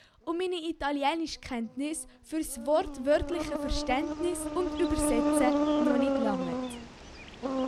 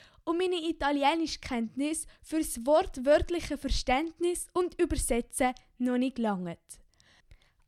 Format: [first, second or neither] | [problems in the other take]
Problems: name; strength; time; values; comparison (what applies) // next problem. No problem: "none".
second | animal sounds; very loud; throughout; 1 dB above the speech